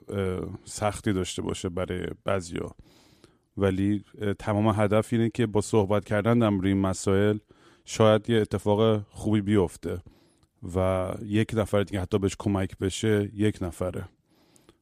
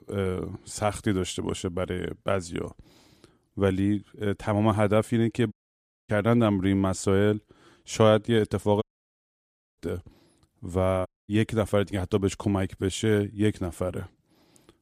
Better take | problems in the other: first | audio cutting out; at 5.5 s for 0.5 s, at 9 s for 1 s and at 11 s

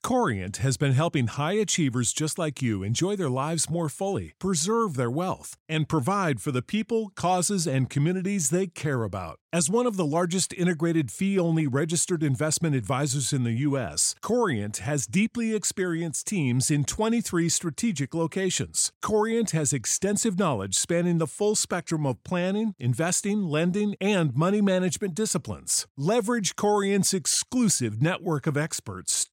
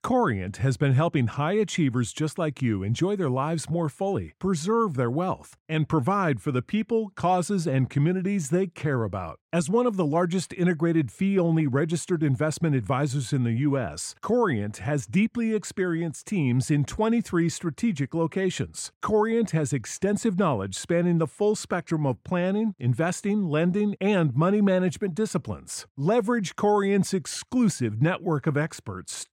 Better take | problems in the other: first | muffled; slightly; fading above 3.5 kHz

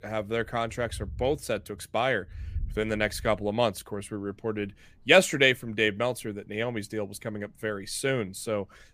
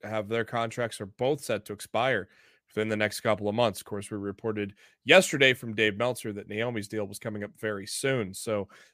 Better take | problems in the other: second | rain or running water; noticeable; throughout; 15 dB below the speech

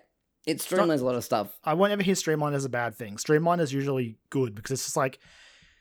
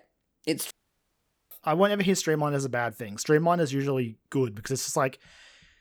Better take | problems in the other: first | audio cutting out; at 0.5 s for 1 s

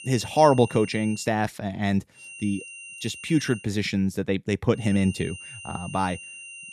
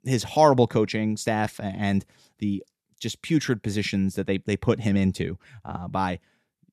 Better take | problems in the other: second | high-pitched whine; noticeable; until 1 s, from 2 to 3.5 s and from 5 s on; 3 kHz, 15 dB below the speech

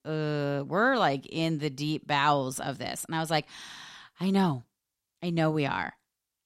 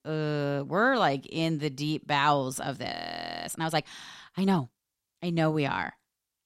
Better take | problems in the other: first | audio freezing; at 3 s for 0.5 s

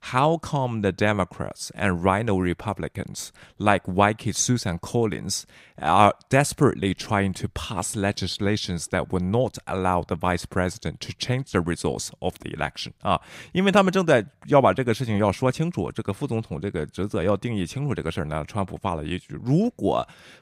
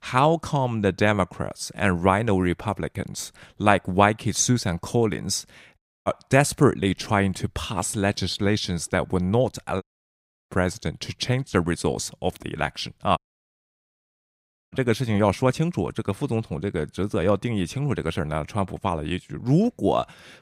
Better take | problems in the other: first | audio cutting out; at 6 s, at 10 s for 0.5 s and at 13 s for 1.5 s

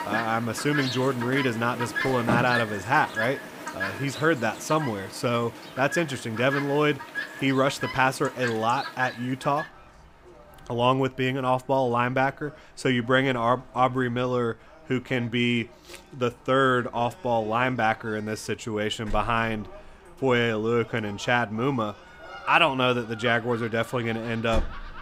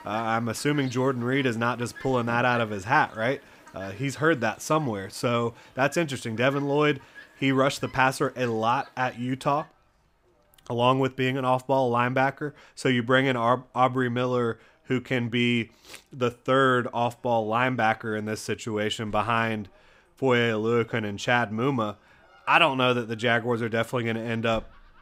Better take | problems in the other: second | animal sounds; loud; throughout; 9 dB below the speech; faint in the second

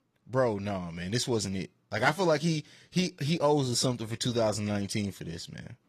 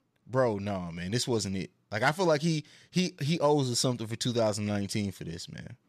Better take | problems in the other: second | garbled, watery; slightly; nothing above 14.5 kHz

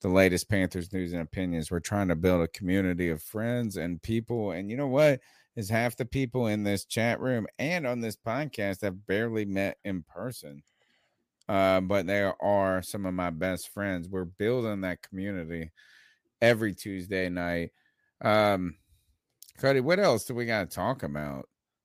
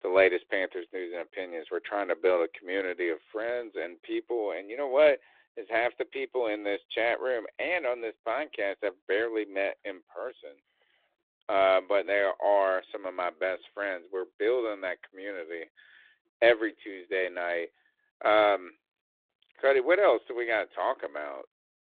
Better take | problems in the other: first | phone-call audio

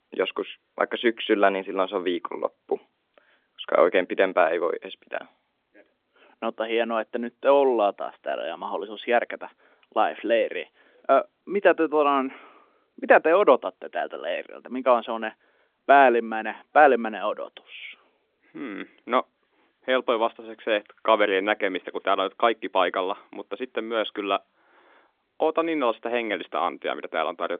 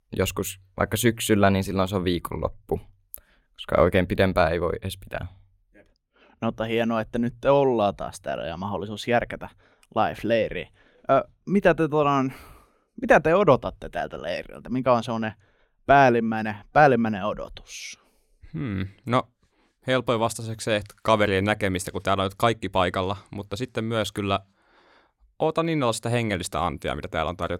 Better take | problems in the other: second | phone-call audio; nothing above 3.5 kHz

